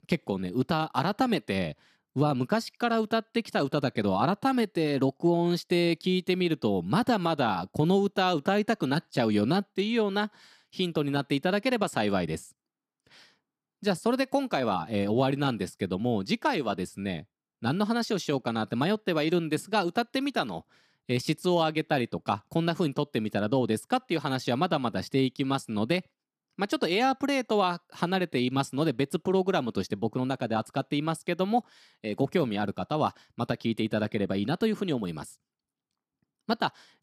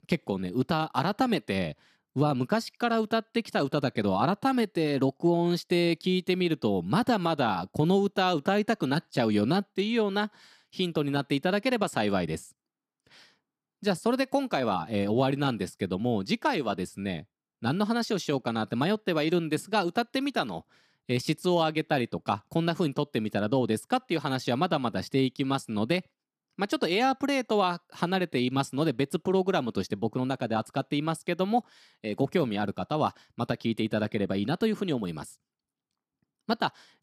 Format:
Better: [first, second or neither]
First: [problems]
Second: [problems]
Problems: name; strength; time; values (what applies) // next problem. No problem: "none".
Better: neither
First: none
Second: none